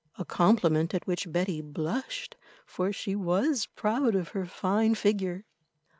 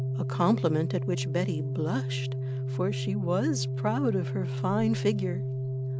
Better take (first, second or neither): first